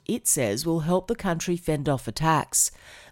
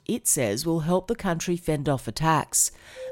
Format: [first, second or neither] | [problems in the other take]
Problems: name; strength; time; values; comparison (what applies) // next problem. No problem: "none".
first | background music; noticeable; from 1.5 s on; 20 dB below the speech